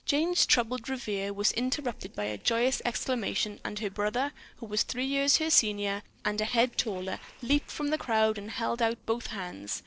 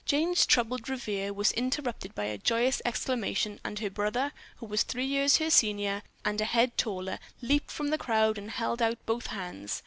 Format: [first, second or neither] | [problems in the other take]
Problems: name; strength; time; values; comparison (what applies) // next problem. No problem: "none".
second | noise reduction (neural separator model SepFormer DNS4)